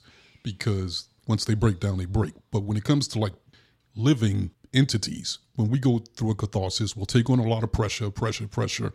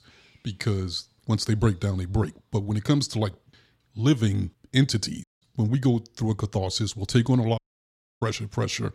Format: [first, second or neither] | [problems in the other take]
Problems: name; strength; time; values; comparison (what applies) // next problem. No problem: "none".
first | audio cutting out; at 5 s and at 7.5 s for 0.5 s